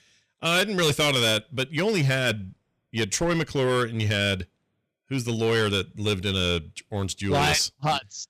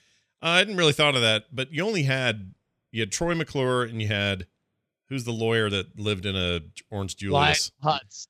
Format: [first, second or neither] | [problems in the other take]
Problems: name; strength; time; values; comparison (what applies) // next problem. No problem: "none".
second | distortion; heavy; 8% of the sound clipped